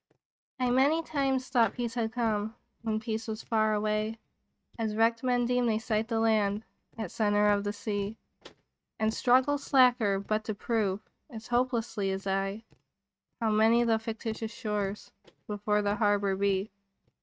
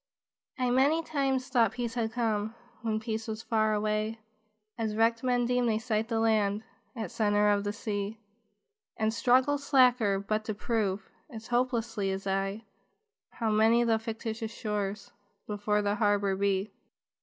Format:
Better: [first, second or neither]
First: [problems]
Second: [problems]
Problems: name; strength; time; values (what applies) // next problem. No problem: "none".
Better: second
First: noise reduction (neural mask model RNNoise)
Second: none